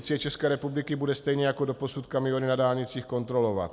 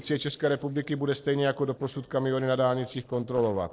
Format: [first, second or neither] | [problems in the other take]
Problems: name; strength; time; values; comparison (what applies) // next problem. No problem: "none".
first | noise reduction (neural separator model SepFormer DNS4)